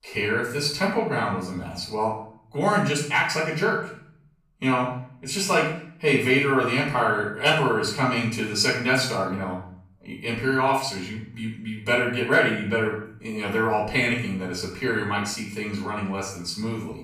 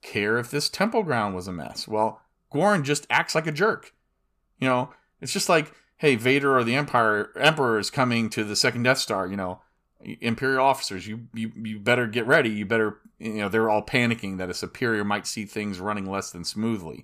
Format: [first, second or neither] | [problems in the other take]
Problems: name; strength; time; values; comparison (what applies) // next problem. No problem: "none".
second | off-mic speech; far // room echo; noticeable; dies away in 0.5 s